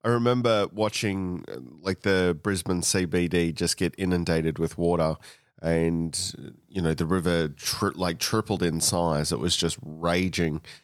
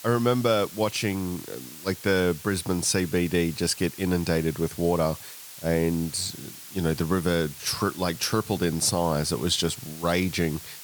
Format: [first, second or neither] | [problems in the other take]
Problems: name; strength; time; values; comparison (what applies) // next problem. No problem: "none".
first | hiss; noticeable; throughout; 15 dB below the speech